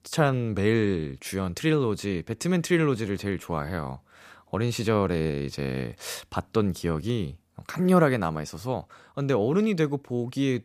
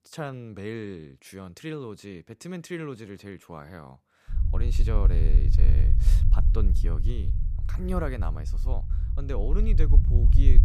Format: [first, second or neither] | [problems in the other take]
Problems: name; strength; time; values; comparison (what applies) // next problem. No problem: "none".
first | low rumble; loud; from 4.5 s on; 6 dB below the speech